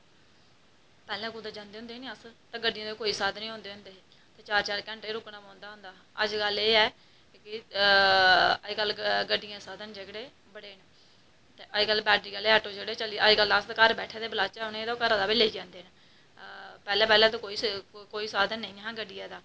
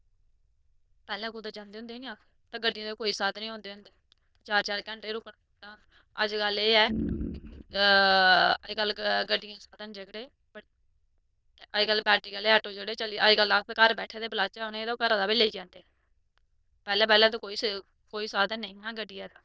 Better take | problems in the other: first | noise reduction (neural diffusion model UNIVERSE++)

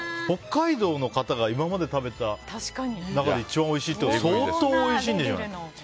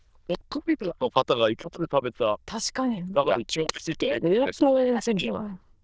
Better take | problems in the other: first | noise reduction (neural diffusion model UNIVERSE++)

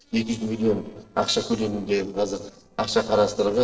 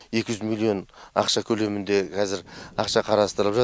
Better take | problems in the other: second | noise reduction (neural separator model SepFormer DNS4)

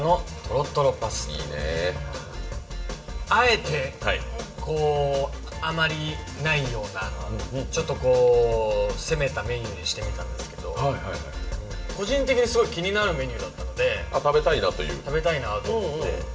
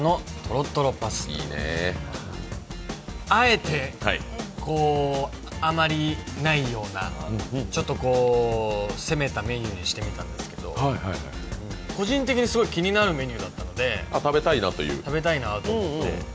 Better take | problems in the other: second | room echo; dies away in 0.6 s

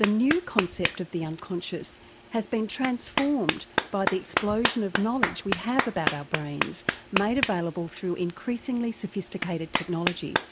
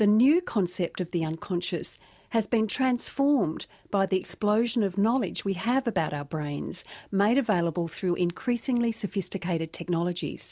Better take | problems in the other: second | background sound (Clapping); 3 dB below the speech

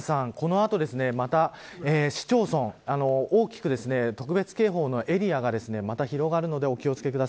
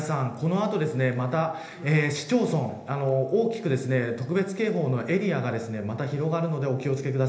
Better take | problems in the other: first | room echo; dies away in 1 s

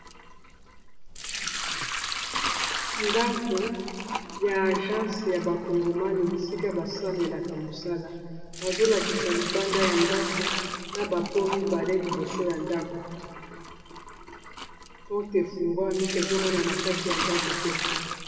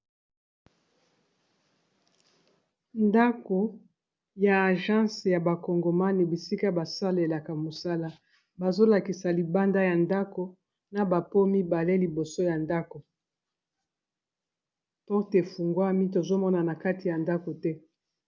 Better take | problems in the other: second | background sound (Sink (filling or washing) / Liquid); 5 dB below the speech // room echo; dies away in 2.4 s

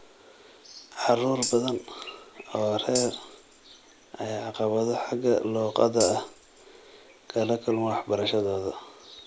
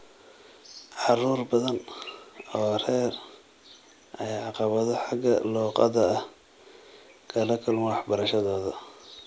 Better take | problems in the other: second | background sound (Tambourine); 10 dB below the speech

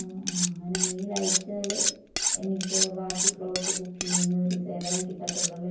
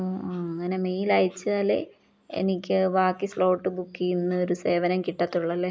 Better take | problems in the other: second | background sound (Cutlery, silverware); 2 dB above the speech // room echo; dies away in 0.9 s

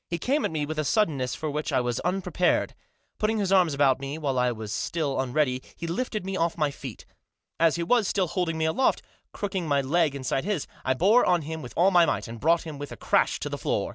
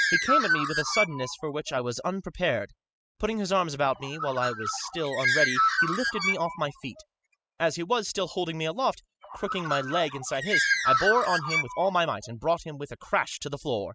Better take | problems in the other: first | noise reduction (classical method spectral subtraction)

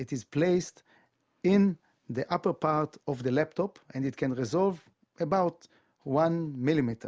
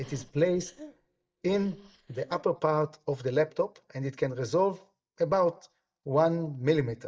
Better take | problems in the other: first | noise reduction (neural mask model DeepFilterNet 3)

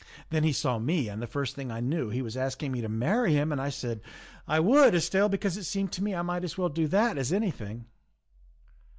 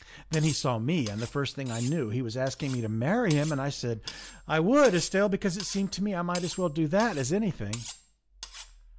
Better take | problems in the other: first | background sound (Cutlery, silverware); 17 dB below the speech

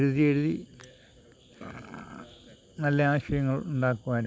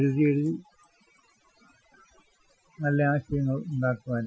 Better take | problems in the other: first | noise reduction (classical method Wiener filter)

